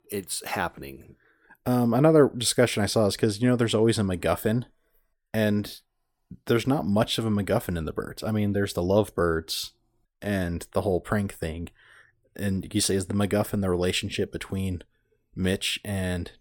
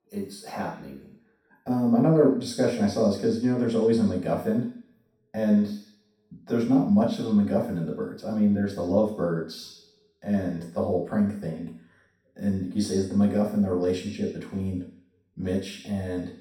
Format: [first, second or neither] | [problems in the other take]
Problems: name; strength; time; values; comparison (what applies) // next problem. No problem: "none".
first | room echo; noticeable; dies away in 0.6 s // off-mic speech; far